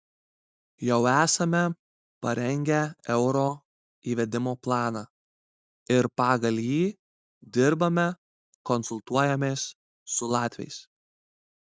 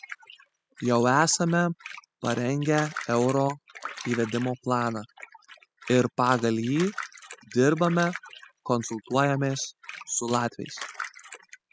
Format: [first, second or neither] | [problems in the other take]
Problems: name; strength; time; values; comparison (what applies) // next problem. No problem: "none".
first | noise reduction (classical method spectral subtraction)